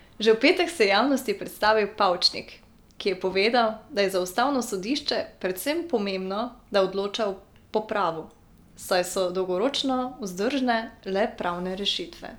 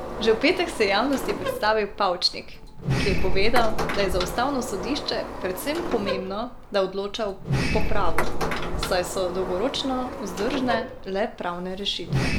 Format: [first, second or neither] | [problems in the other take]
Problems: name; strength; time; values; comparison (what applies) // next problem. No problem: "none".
first | background sound (Sliding door); 1 dB above the speech